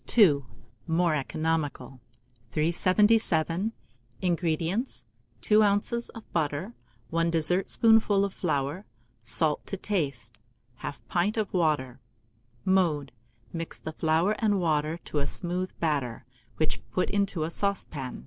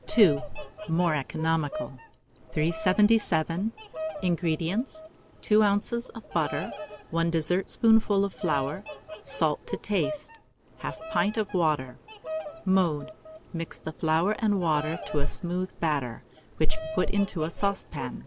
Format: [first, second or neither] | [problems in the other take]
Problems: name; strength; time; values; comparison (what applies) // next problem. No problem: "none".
first | background sound (Bird vocalization, bird call, bird song); 14 dB below the speech